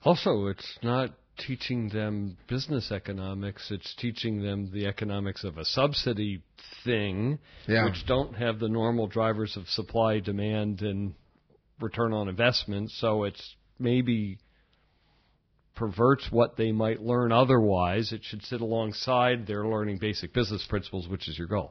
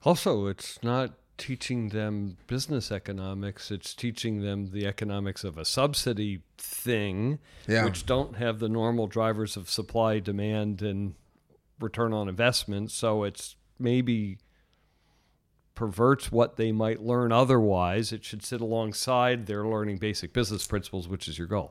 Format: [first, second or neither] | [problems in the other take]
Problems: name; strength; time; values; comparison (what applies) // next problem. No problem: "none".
second | garbled, watery; badly; nothing above 5 kHz